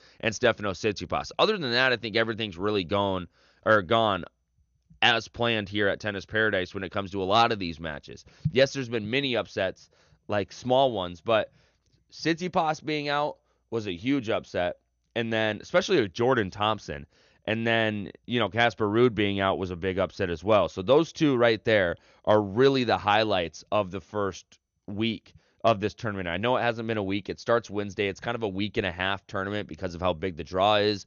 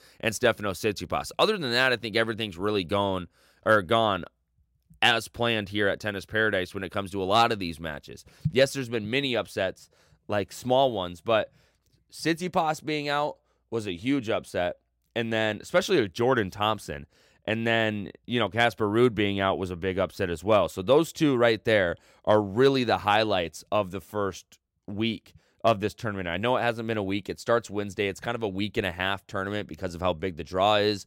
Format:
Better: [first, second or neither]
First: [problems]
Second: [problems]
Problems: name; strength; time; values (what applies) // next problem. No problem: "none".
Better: second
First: garbled, watery; slightly; nothing above 6.5 kHz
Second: none